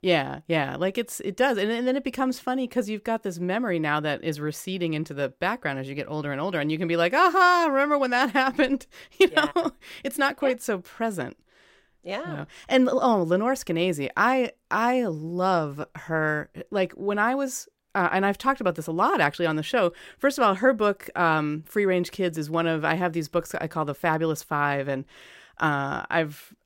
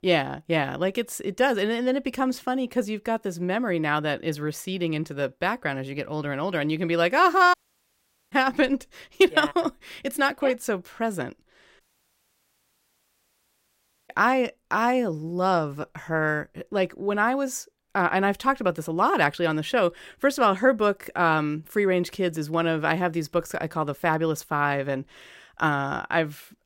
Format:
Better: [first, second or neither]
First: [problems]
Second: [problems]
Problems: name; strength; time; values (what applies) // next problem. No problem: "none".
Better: first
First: none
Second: audio cutting out; at 7.5 s for 1 s and at 12 s for 2.5 s